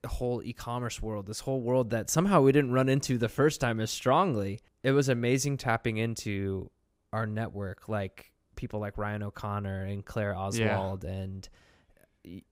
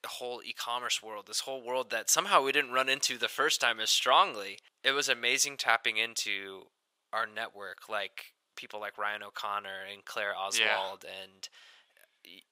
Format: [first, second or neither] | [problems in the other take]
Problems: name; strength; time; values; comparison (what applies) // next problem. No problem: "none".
first | thin; very; fading below 950 Hz